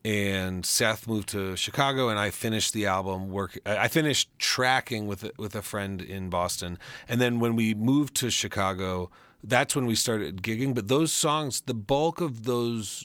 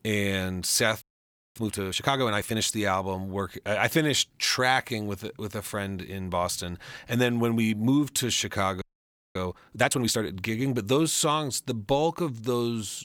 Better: first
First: none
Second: audio freezing; at 1 s for 0.5 s and at 9 s for 0.5 s

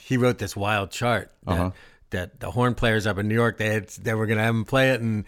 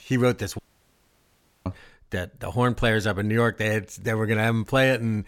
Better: first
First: none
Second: audio cutting out; at 0.5 s for 1 s

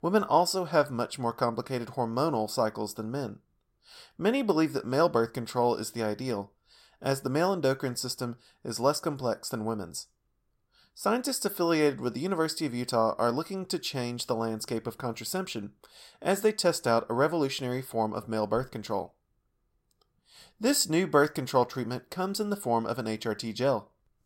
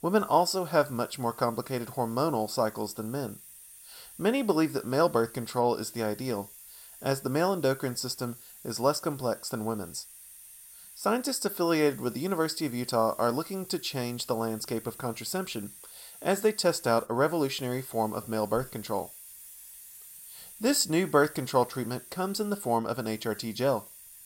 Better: first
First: none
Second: hiss; noticeable; throughout; 15 dB below the speech

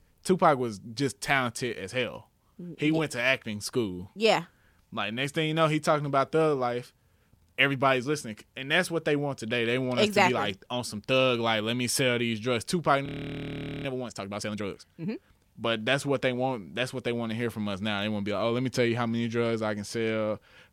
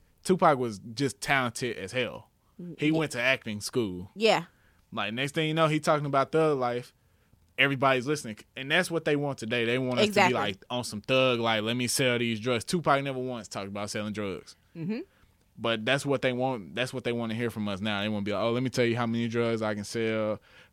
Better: second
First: audio freezing; at 13 s for 1 s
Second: none

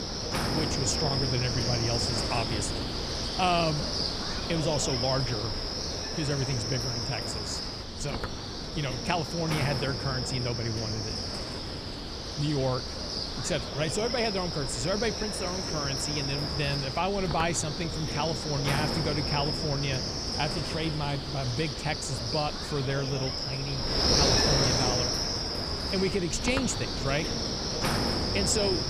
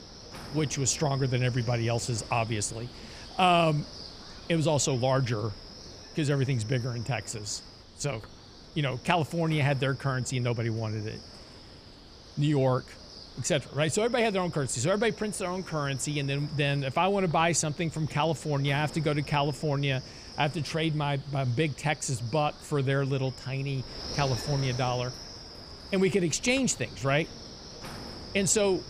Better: second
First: wind noise on the microphone; heavy; 2 dB above the speech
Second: wind noise on the microphone; occasional gusts; 15 dB below the speech

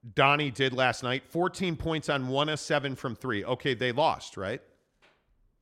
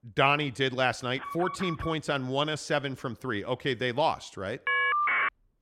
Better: first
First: none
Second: alarm; noticeable; at 1 s; peak 9 dB below the speech // phone ringing; loud; at 4.5 s; peak 5 dB above the speech

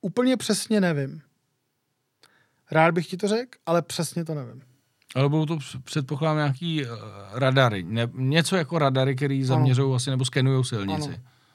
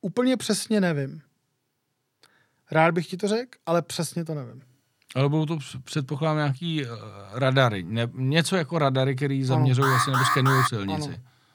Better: first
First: none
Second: alarm; loud; at 10 s; peak 2 dB above the speech

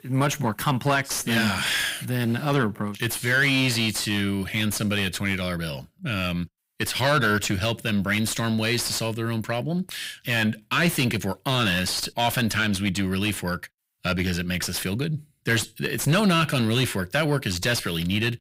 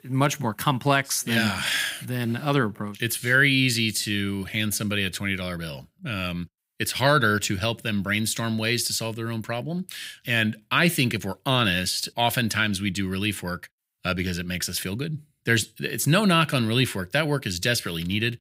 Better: second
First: distortion; slight; 10 dB below the speech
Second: none

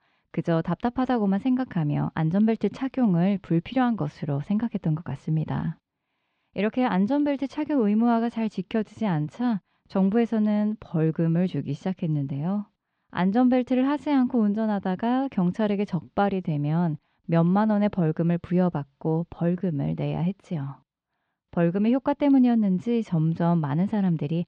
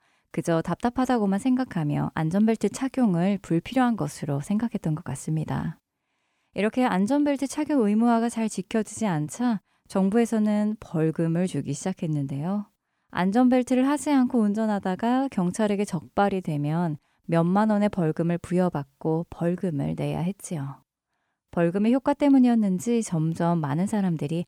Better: second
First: muffled; slightly; fading above 4 kHz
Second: none

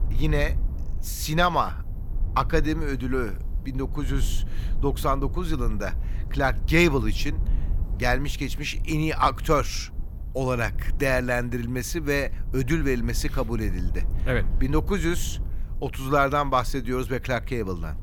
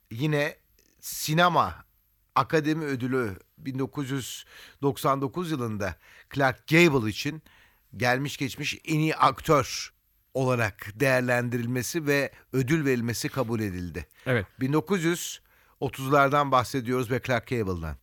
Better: second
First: low rumble; faint; throughout; 25 dB below the speech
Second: none

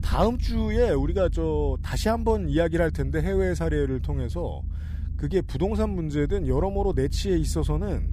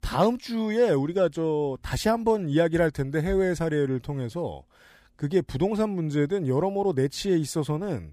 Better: second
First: low rumble; faint; throughout; 20 dB below the speech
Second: none

